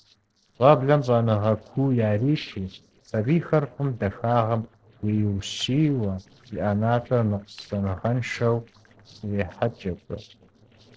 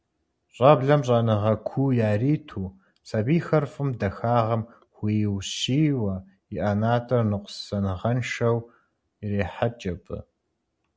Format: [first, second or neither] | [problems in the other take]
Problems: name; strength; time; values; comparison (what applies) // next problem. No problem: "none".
second | noise reduction (neural separator model SepFormer DNS4)